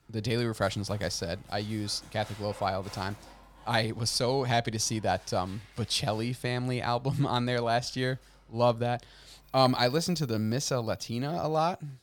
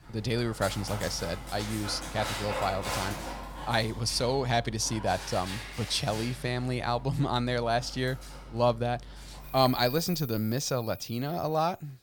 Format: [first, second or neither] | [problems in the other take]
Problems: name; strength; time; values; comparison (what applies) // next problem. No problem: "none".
first | animal sounds; loud; throughout; 10 dB below the speech; faint in the first